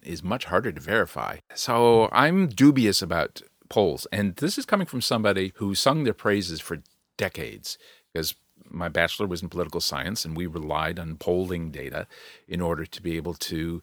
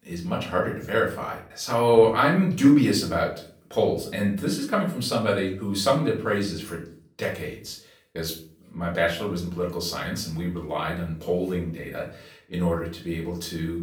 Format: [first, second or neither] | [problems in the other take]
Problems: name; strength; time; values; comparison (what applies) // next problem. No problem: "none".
first | off-mic speech; far // room echo; slight; dies away in 0.4 s